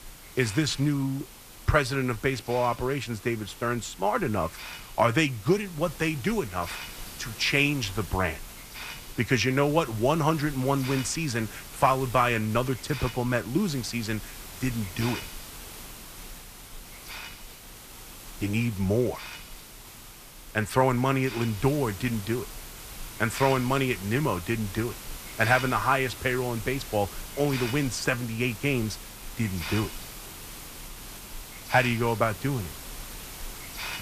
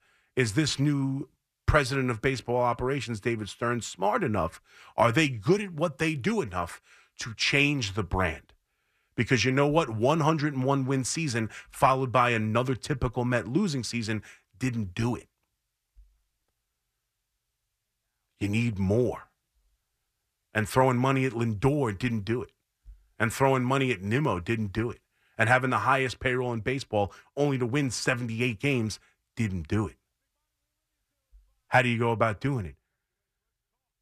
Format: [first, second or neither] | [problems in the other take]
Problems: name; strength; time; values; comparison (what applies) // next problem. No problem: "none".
second | hiss; noticeable; throughout; 15 dB below the speech